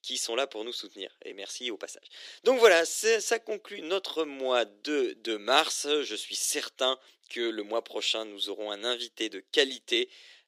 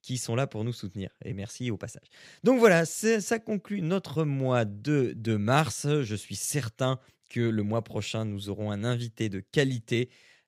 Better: second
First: thin; very; fading below 300 Hz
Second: none

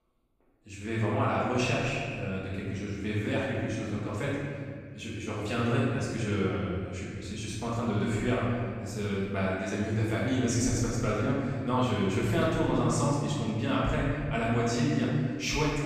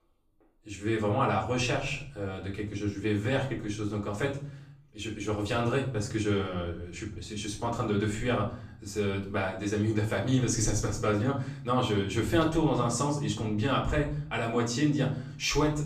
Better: second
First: room echo; strong; dies away in 1.9 s // off-mic speech; far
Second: room echo; slight; dies away in 0.5 s // off-mic speech; far

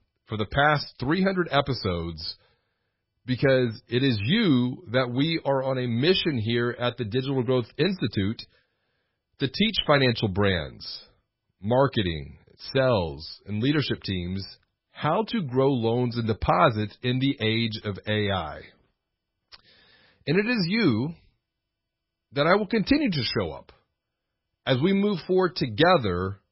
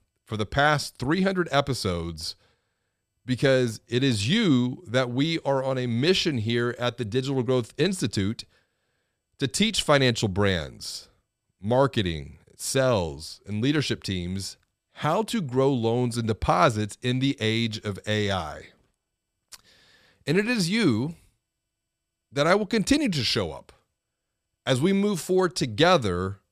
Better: second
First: garbled, watery; badly; nothing above 5.5 kHz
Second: none

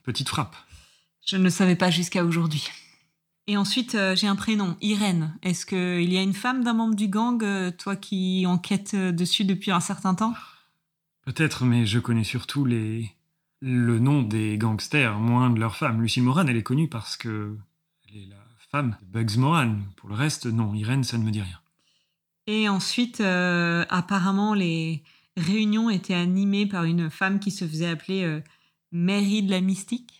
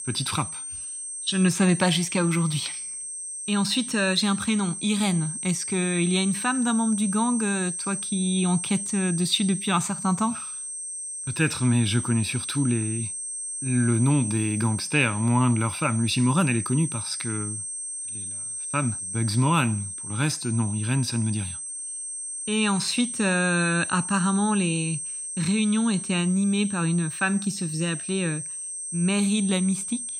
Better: first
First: none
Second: high-pitched whine; loud; throughout; 8.5 kHz, 6 dB below the speech

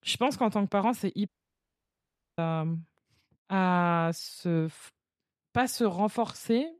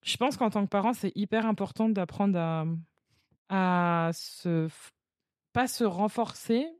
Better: second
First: audio cutting out; at 1.5 s for 1 s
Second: none

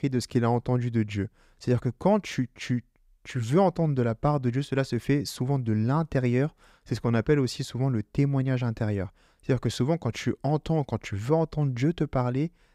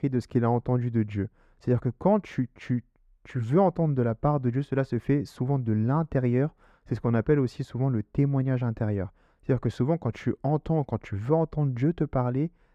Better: first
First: none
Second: muffled; slightly; fading above 2.5 kHz

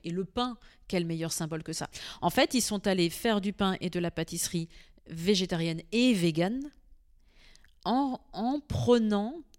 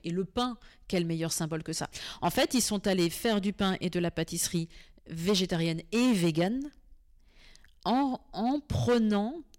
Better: first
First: none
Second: distortion; slight; 4% of the sound clipped

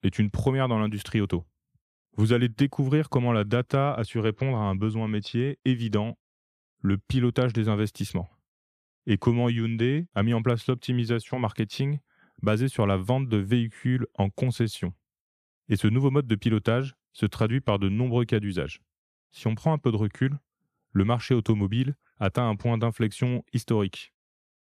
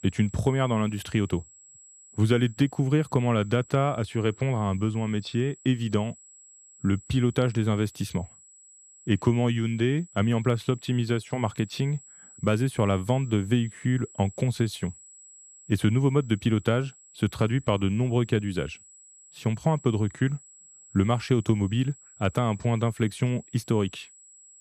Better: first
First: none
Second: high-pitched whine; faint; throughout; 7.5 kHz, 25 dB below the speech

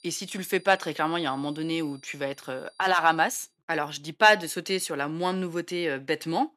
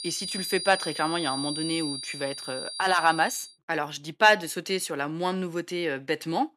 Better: first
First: high-pitched whine; faint; until 3.5 s; 4.5 kHz, 30 dB below the speech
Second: high-pitched whine; loud; until 3.5 s; 4.5 kHz, 6 dB below the speech

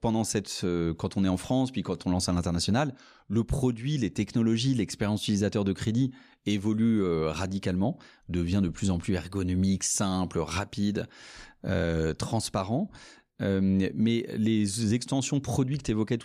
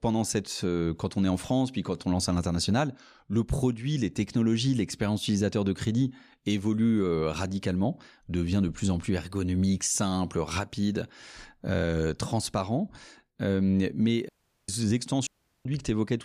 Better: first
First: none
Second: audio cutting out; at 14 s and at 15 s

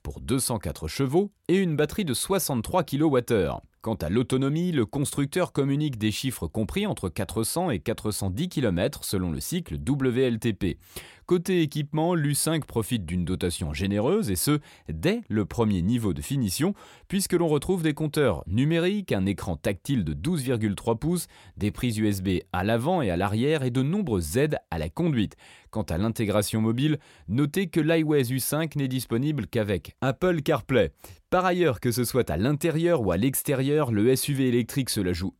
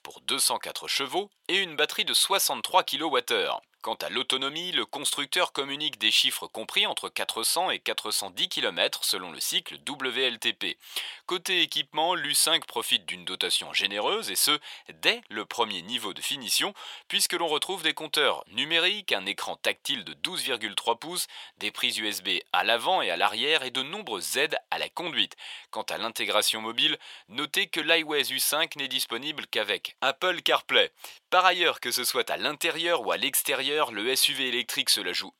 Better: first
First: none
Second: thin; very; fading below 700 Hz

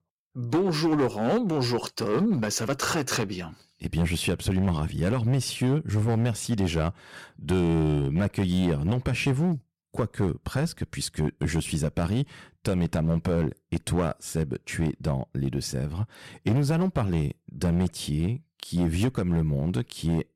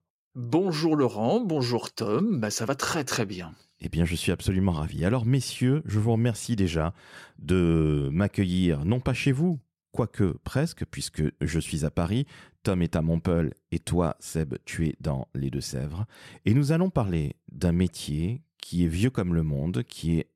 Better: second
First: distortion; slight; 8% of the sound clipped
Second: none

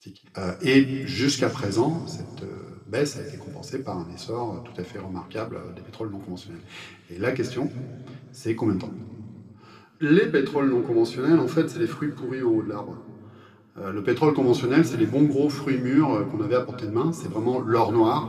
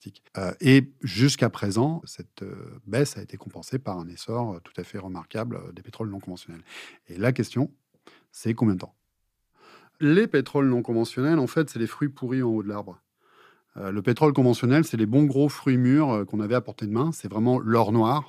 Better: second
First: room echo; slight; dies away in 1.9 s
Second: none

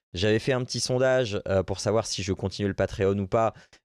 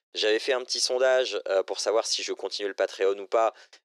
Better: first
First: none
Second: thin; very; fading below 350 Hz

